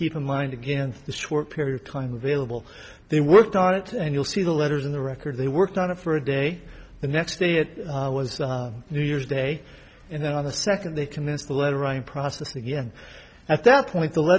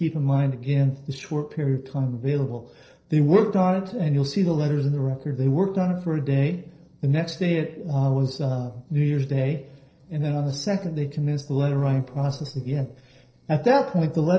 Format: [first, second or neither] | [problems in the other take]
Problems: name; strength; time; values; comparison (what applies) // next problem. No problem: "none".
first | noise reduction (neural separator model SepFormer DNS4)